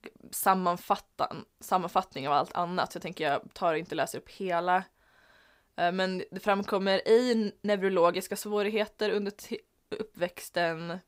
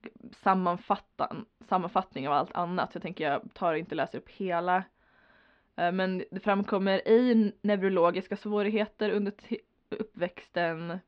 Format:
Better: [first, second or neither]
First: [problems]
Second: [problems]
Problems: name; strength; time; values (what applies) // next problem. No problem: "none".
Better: first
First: none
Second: muffled; slightly; fading above 3.5 kHz